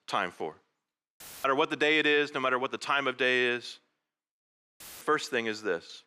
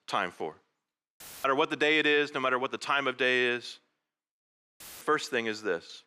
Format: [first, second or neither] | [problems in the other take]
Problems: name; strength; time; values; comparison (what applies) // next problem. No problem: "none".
neither | audio cutting out; filled with static; at 1 s and at 5 s; the same in both